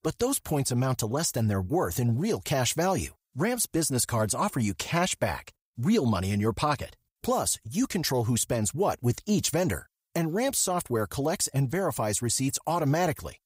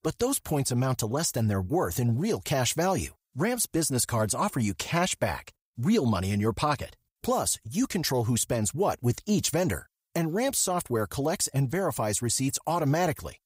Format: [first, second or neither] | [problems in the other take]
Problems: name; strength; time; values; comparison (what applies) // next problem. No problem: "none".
neither | none